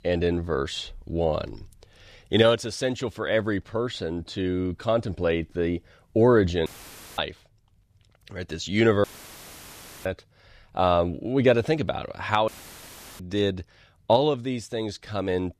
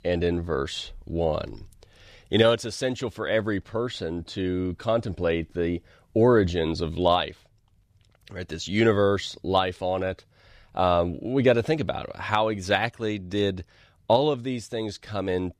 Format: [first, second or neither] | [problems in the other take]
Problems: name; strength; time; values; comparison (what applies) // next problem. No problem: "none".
second | audio cutting out; filled with static; at 6.5 s for 0.5 s, at 9 s for 1 s and at 12 s for 0.5 s